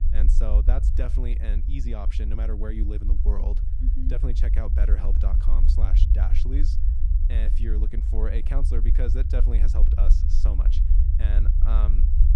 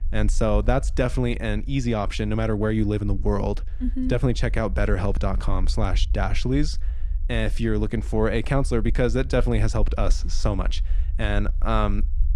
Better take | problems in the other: second | low rumble; loud; throughout; 5 dB below the speech; faint in the second

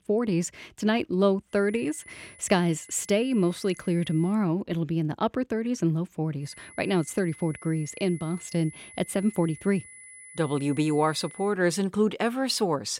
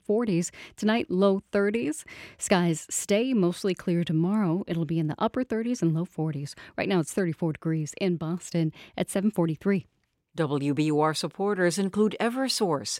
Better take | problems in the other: second | high-pitched whine; noticeable; from 1.5 to 4.5 s and from 6.5 to 12 s; 10 kHz, 20 dB below the speech

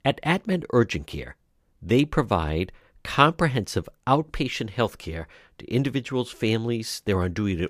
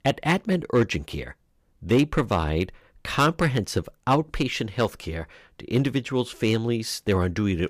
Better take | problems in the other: first | distortion; slight; 2% of the sound clipped

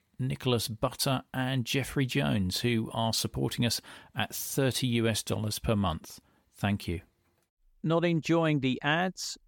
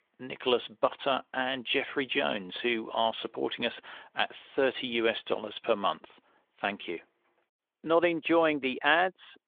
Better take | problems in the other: first | phone-call audio; nothing above 3.5 kHz

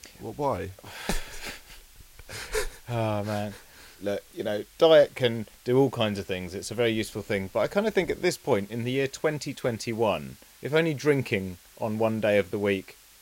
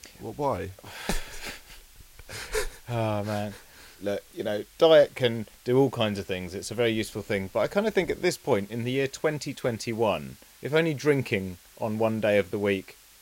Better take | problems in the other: neither | hiss; faint; throughout; 25 dB below the speech; the same in both

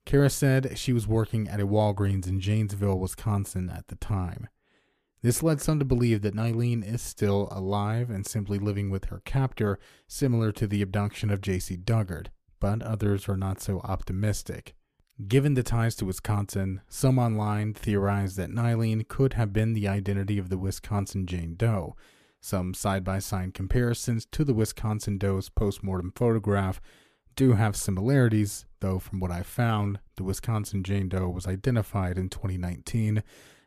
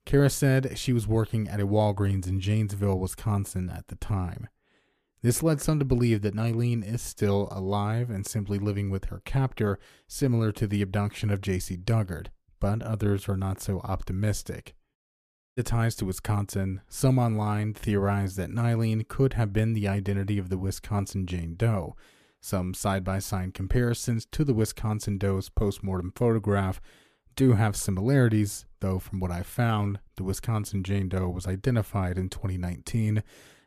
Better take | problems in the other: first | audio cutting out; at 15 s for 0.5 s

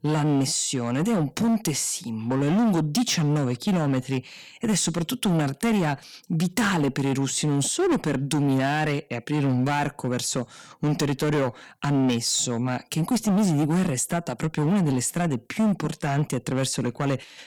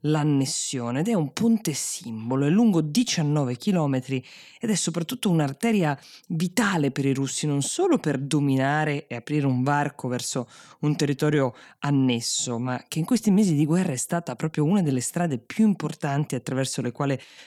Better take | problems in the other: second | distortion; slight; 15% of the sound clipped

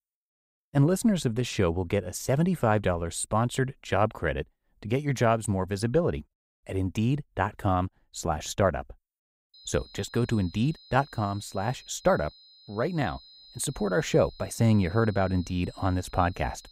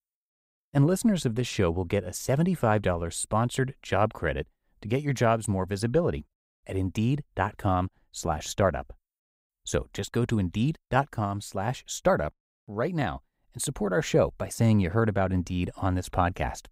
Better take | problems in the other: second | high-pitched whine; faint; from 9.5 s on; 4 kHz, 25 dB below the speech

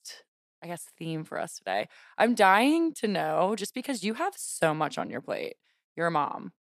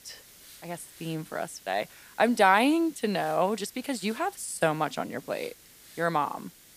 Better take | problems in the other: first | hiss; faint; throughout; 20 dB below the speech

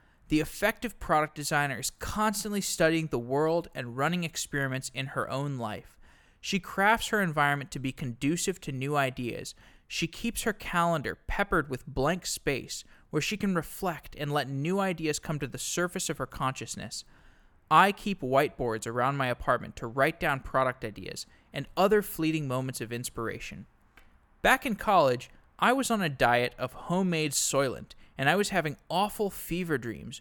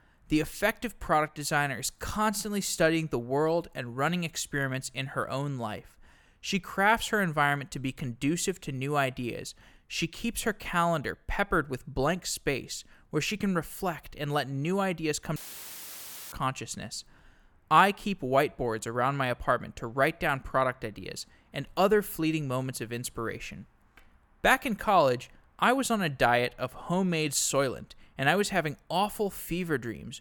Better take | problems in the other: first | audio cutting out; filled with static; at 15 s for 1 s

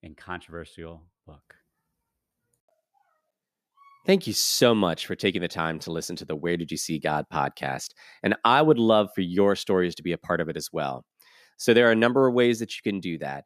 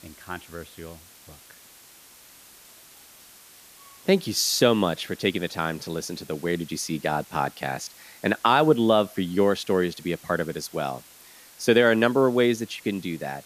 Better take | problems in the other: first | hiss; faint; throughout; 25 dB below the speech

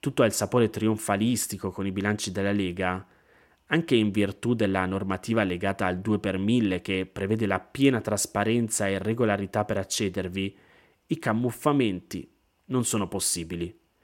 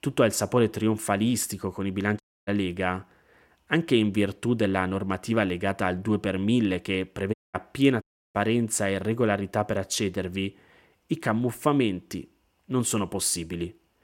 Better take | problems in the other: first | audio cutting out; at 2 s, at 7.5 s and at 8 s

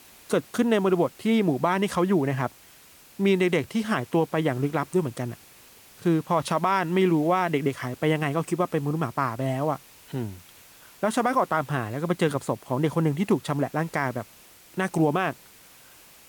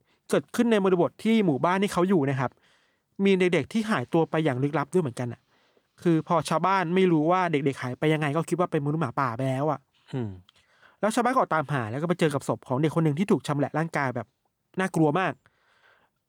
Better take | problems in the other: second | hiss; faint; throughout; 25 dB below the speech

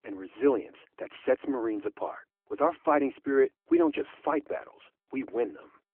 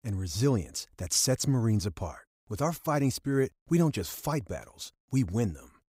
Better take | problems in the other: second | phone-call audio

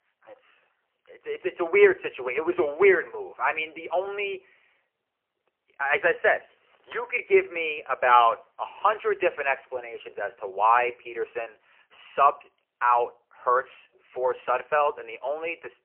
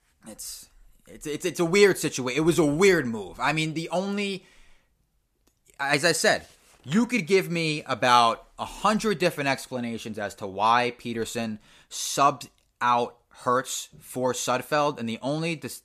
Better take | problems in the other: second | phone-call audio; poor line; nothing above 2.5 kHz

